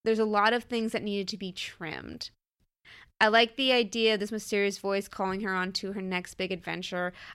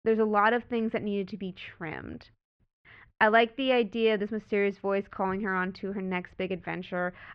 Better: first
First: none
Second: muffled; very; fading above 2 kHz

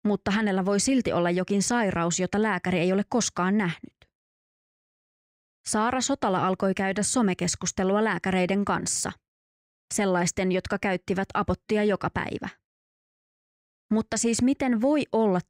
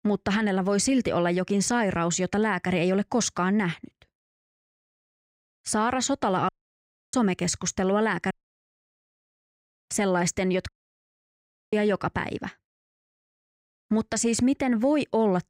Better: first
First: none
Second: audio cutting out; at 6.5 s for 0.5 s, at 8.5 s for 1.5 s and at 11 s for 1 s

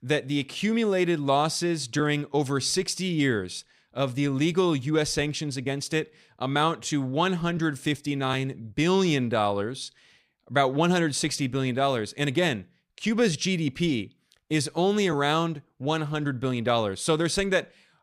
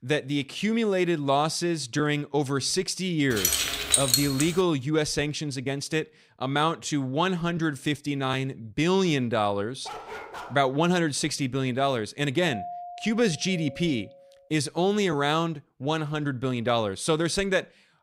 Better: first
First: none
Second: jangling keys; loud; from 3.5 to 4.5 s; peak 6 dB above the speech // dog barking; faint; at 10 s; peak 10 dB below the speech // doorbell; noticeable; from 12 to 14 s; peak 10 dB below the speech

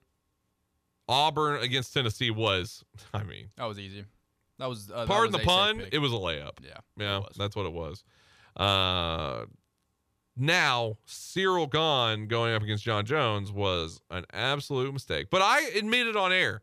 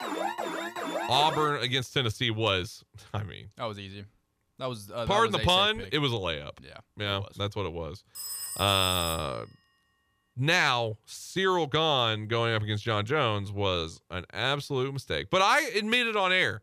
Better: first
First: none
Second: alarm; noticeable; until 1.5 s; peak 5 dB below the speech // phone ringing; noticeable; from 8 to 9.5 s; peak 6 dB below the speech

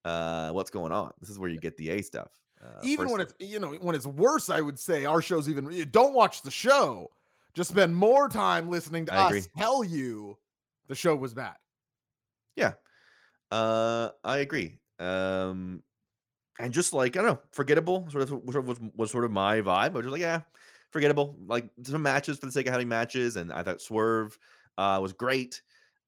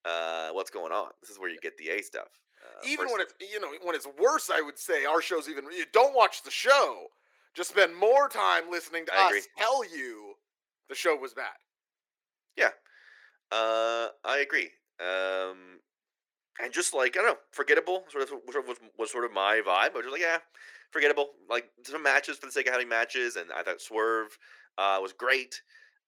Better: first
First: none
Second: thin; very; fading below 350 Hz

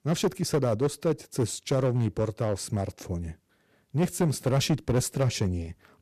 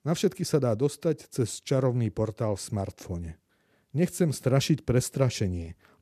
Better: second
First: distortion; slight; 6% of the sound clipped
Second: none

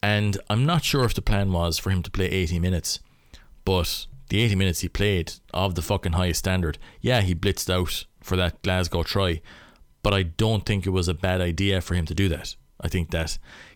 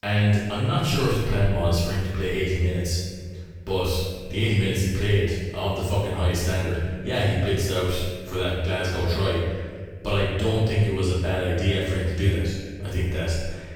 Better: first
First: none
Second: room echo; strong; dies away in 1.5 s // off-mic speech; far

